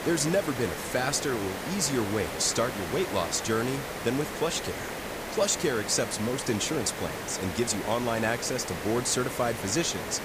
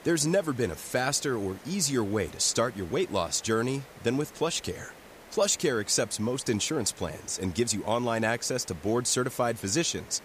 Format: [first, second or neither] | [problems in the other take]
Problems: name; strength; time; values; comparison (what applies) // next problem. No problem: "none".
second | hiss; loud; throughout; 6 dB below the speech; faint in the second